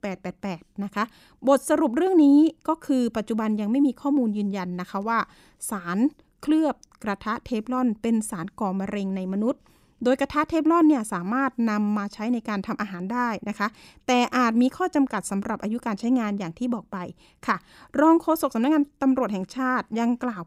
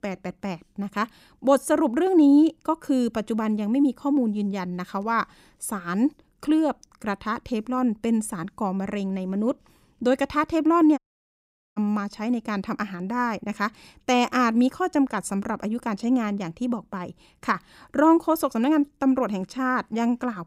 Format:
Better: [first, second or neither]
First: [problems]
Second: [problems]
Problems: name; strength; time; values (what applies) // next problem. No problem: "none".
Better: first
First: none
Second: audio cutting out; at 11 s for 1 s